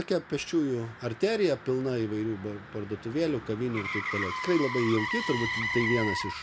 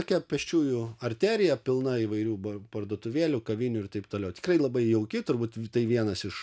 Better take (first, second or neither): second